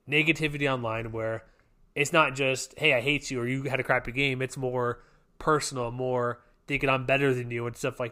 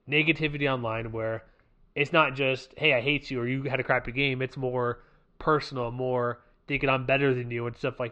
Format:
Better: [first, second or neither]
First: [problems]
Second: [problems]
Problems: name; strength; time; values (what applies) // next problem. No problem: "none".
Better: first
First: none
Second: muffled; slightly; fading above 4 kHz